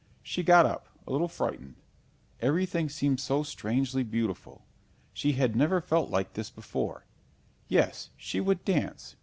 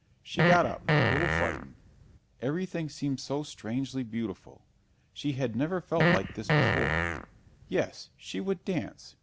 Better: first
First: none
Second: background sound (Fart); 5 dB above the speech

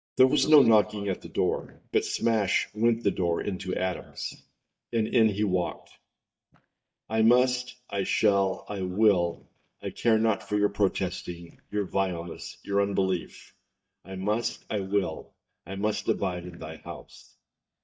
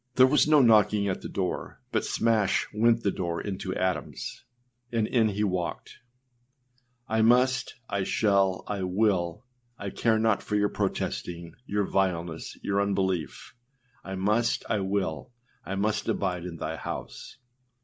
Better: second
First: noise reduction (neural mask model DeepFilterNet 3)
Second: none

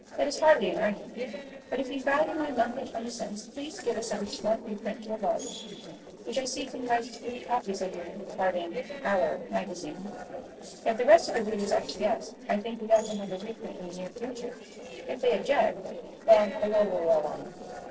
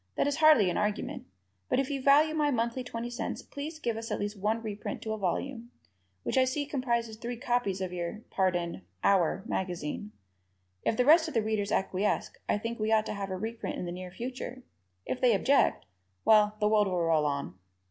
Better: second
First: noise reduction (neural separator model SepFormer DNS4)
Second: none

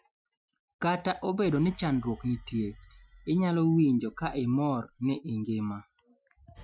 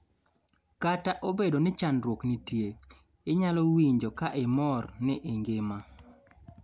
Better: second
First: noise reduction (classical method Wiener filter)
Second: none

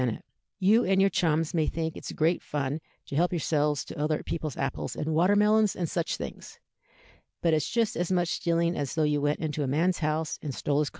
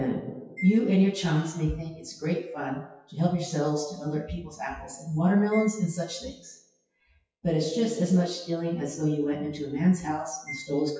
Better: first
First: none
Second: noise reduction (classical method WPE with log-MMSE)

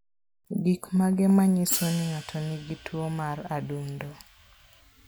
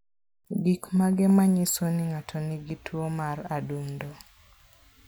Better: second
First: background sound (Hi-hat); 13 dB below the speech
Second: none

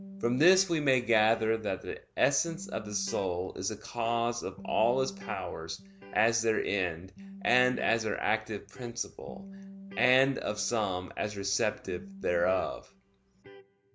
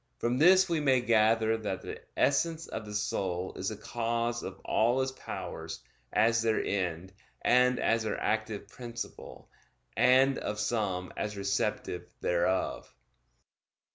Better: second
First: background sound (Electric guitar); 18 dB below the speech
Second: none

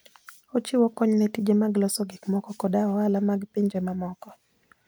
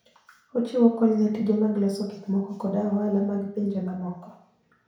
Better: first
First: none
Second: room echo; dies away in 0.6 s

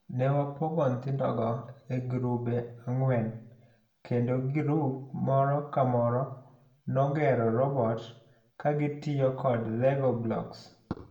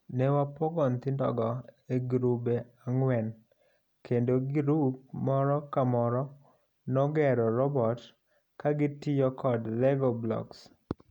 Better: second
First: room echo; dies away in 0.5 s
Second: none

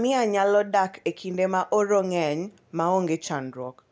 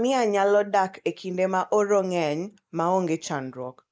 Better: first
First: none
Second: noise reduction (neural mask model Resemble Enhance denoiser)

